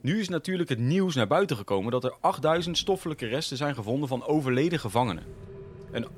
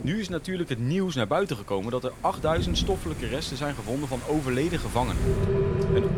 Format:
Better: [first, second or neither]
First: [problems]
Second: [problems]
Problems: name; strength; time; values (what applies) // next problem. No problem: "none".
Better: first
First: rain or running water; faint; throughout; 20 dB below the speech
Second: rain or running water; loud; throughout; 2 dB below the speech